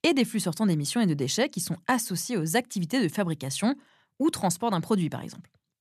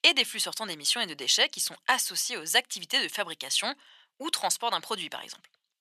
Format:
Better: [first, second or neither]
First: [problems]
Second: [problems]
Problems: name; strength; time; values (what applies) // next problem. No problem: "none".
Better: first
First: none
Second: thin; very; fading below 750 Hz